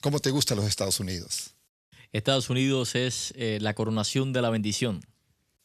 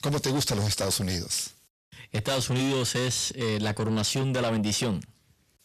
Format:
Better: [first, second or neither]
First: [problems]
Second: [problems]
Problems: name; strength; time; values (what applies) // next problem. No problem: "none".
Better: first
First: none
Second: distortion; heavy; 6 dB below the speech